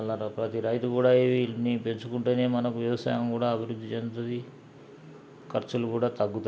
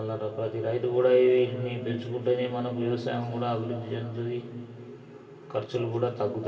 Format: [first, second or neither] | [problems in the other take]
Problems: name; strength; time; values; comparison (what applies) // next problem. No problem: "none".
first | room echo; dies away in 2.8 s